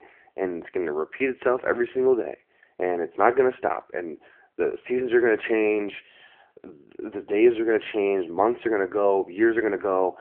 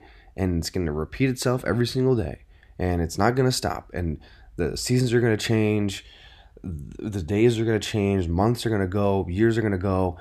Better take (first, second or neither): second